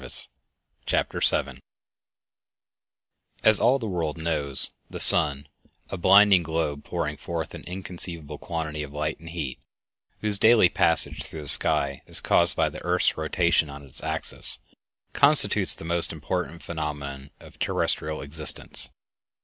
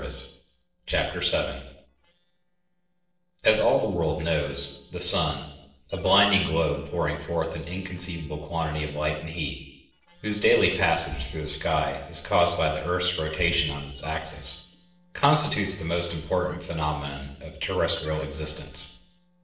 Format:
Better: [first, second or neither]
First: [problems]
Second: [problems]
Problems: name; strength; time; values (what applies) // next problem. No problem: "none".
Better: first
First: none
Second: noise reduction (neural separator model SepFormer DNS4)